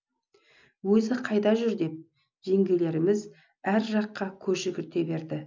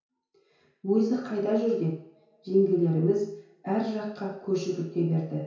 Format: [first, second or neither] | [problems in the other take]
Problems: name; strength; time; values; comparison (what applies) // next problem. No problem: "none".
first | room echo; dies away in 0.6 s